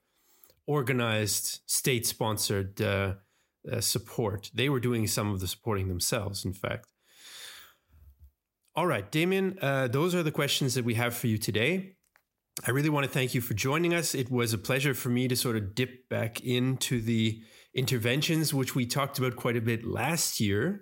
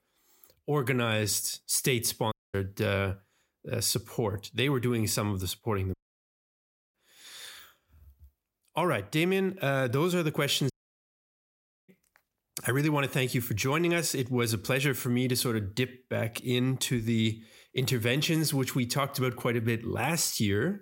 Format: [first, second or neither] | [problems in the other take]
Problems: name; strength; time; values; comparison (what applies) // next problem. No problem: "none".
first | audio cutting out; at 2.5 s, at 6 s for 1 s and at 11 s for 1 s